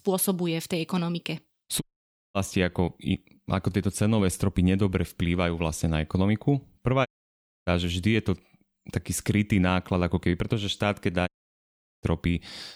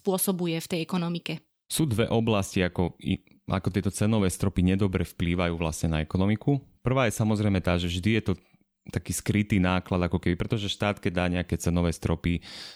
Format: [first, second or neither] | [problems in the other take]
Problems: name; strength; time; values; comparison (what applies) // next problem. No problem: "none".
second | audio cutting out; at 2 s for 0.5 s, at 7 s for 0.5 s and at 11 s for 1 s